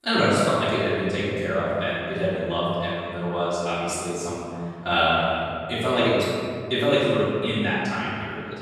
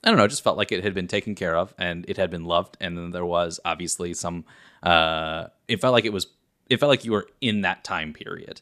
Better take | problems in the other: second | room echo; strong; dies away in 2.2 s // off-mic speech; far

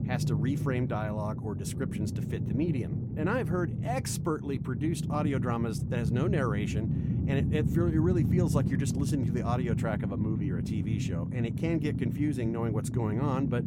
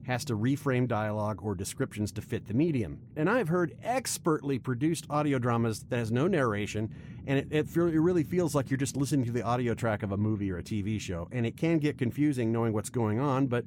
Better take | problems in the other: second | low rumble; loud; throughout; 6 dB below the speech; faint in the second

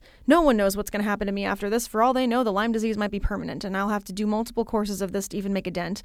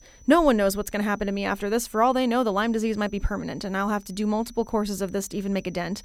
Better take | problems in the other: first | high-pitched whine; faint; throughout; 6 kHz, 30 dB below the speech

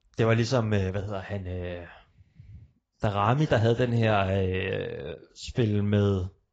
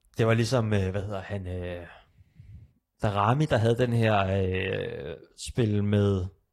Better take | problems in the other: second | garbled, watery; badly; nothing above 7.5 kHz; slightly in the second

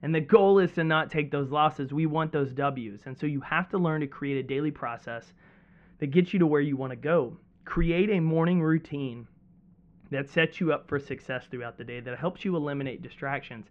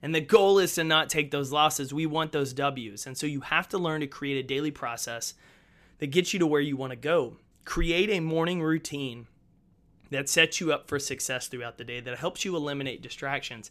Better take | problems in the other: second | muffled; very; fading above 2 kHz

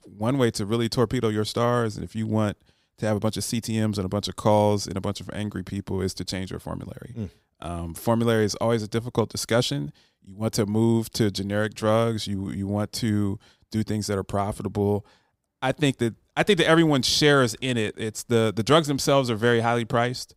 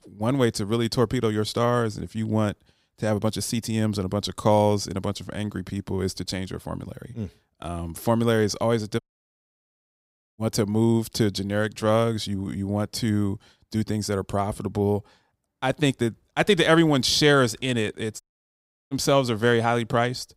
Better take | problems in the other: first | audio cutting out; at 9 s for 1.5 s and at 18 s for 0.5 s

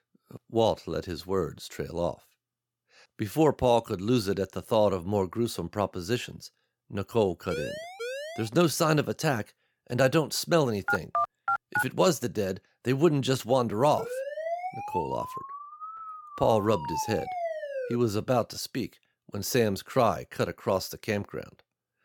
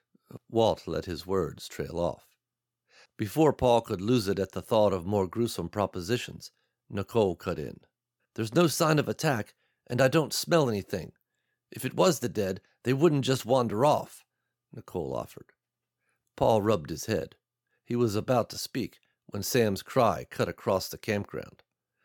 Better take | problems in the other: second | siren; noticeable; at 7.5 s and from 14 to 18 s; peak 5 dB below the speech // phone ringing; loud; at 11 s; peak level with the speech

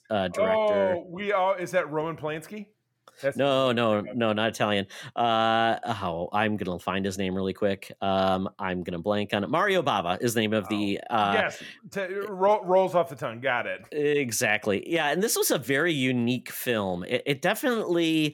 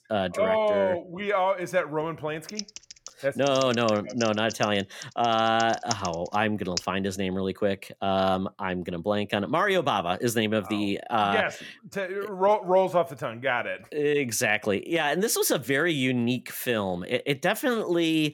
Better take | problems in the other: first | keyboard typing; noticeable; from 2.5 to 7 s; peak 7 dB below the speech

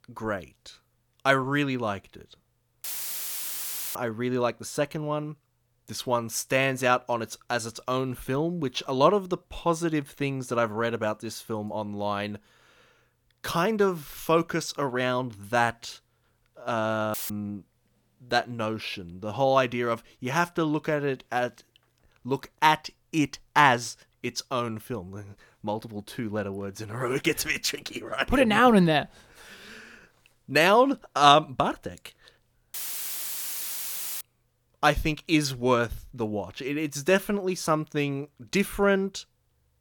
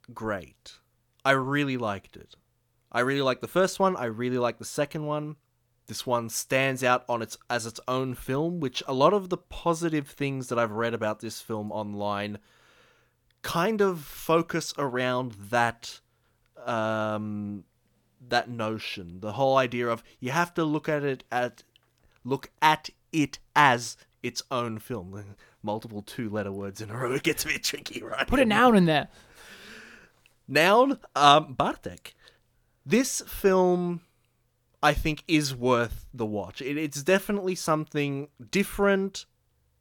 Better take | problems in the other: second | audio cutting out; filled with static; at 3 s for 1 s, at 17 s and at 33 s for 1.5 s

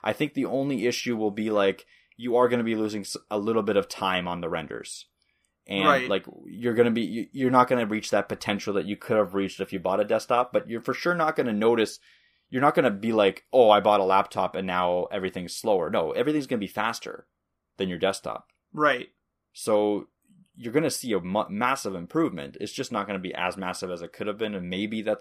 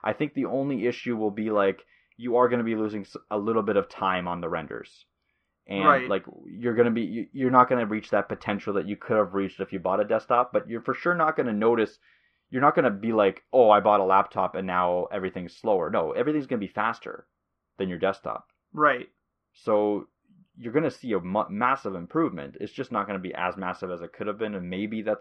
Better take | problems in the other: first | muffled; very; fading above 2 kHz

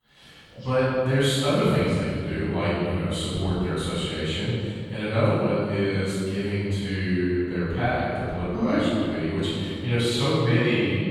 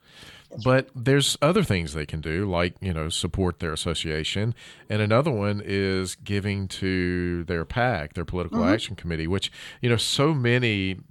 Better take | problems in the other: second | off-mic speech; far // room echo; strong; dies away in 2.2 s

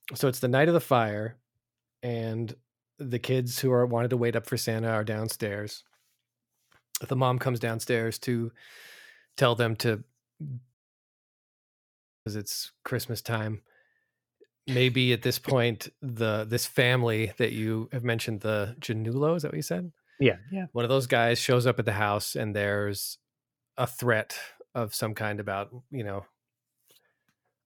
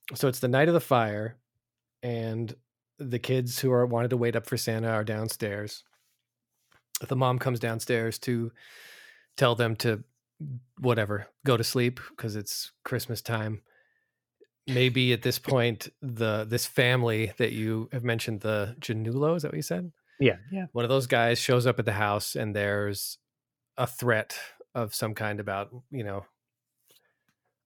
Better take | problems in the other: second | audio cutting out; at 11 s for 1.5 s

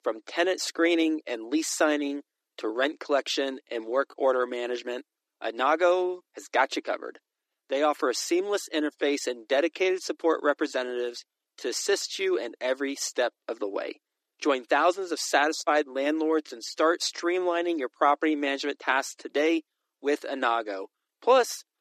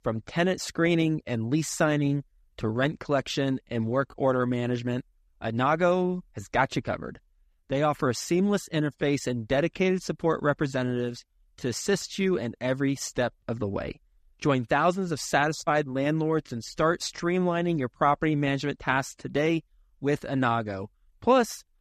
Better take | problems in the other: second | thin; somewhat; fading below 300 Hz

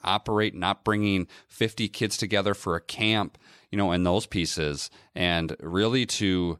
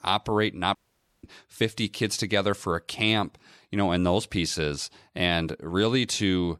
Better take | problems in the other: first | audio cutting out; at 1 s

